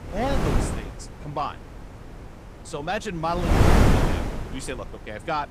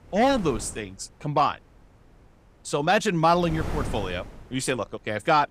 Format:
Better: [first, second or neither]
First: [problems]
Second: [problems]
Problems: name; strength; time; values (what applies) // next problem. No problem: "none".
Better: second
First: wind noise on the microphone; heavy; 4 dB above the speech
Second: wind noise on the microphone; occasional gusts; 15 dB below the speech